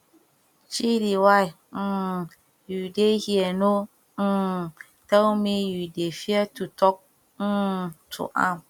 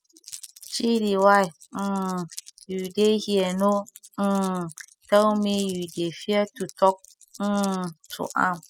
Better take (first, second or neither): first